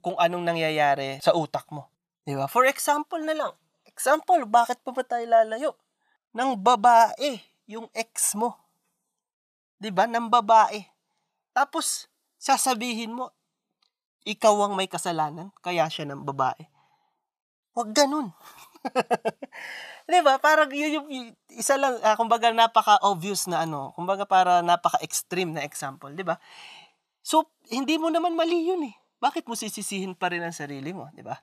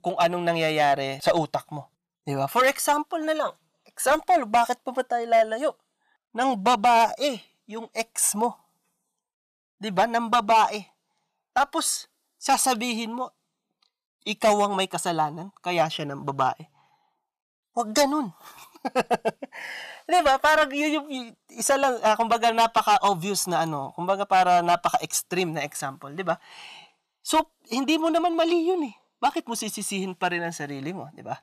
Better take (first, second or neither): first